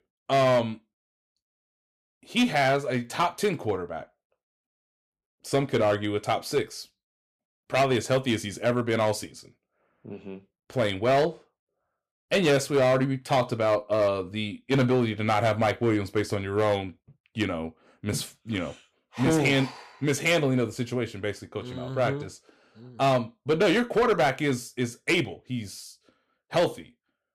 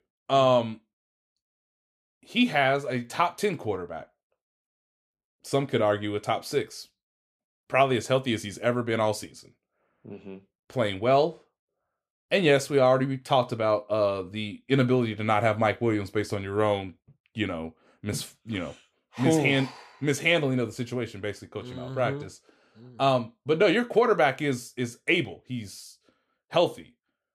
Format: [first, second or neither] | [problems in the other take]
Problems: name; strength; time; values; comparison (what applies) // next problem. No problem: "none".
second | distortion; slight; 5% of the sound clipped